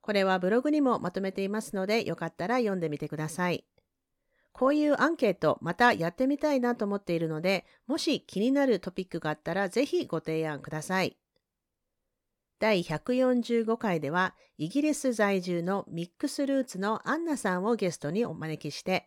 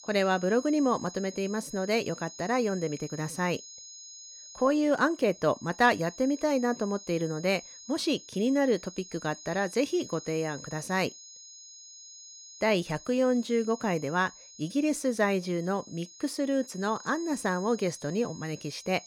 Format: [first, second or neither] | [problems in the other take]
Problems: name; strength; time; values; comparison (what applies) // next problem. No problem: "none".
first | high-pitched whine; noticeable; throughout; 6.5 kHz, 15 dB below the speech